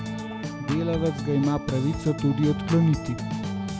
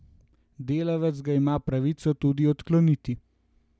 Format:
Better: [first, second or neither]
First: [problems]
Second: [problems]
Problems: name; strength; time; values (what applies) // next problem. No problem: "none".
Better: second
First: background sound (Organ); 5 dB below the speech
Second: none